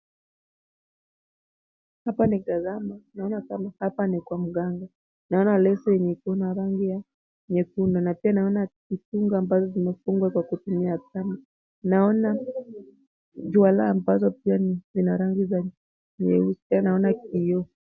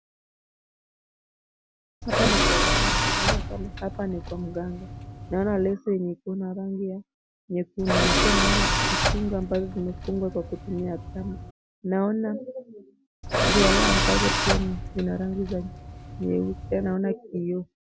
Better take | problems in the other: first | background sound (Tools); 4 dB above the speech

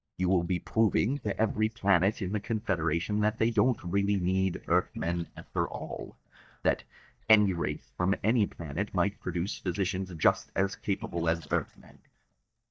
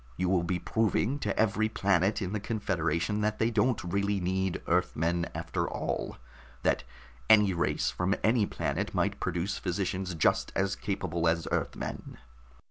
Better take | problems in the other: second | noise reduction (neural mask model DeepFilterNet 3)

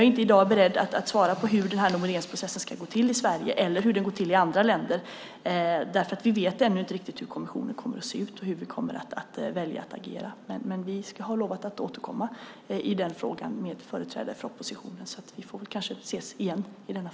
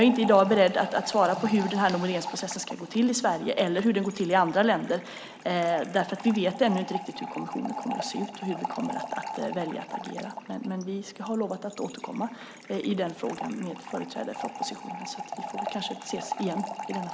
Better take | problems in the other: first | background sound (Fill (with liquid) / Trickle, dribble); 11 dB below the speech

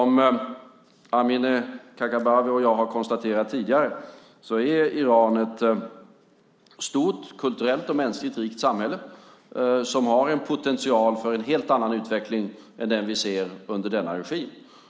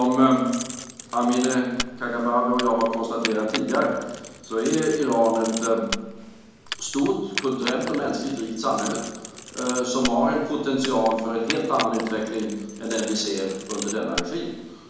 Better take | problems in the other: first | background sound (Keys jangling); 11 dB below the speech // room echo; dies away in 1 s

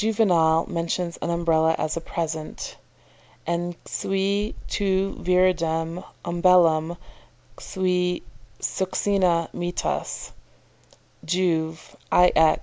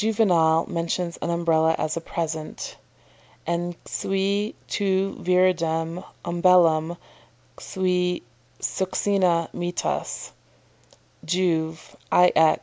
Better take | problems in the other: second | background sound (Insect); 16 dB below the speech

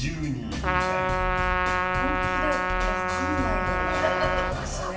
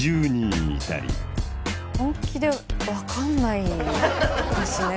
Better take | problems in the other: second | background sound (Trumpet); 2 dB above the speech // room echo; dies away in 0.9 s

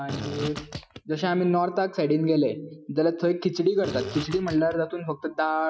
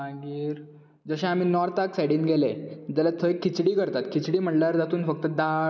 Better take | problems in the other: second | noise reduction (classical method Wiener filter)

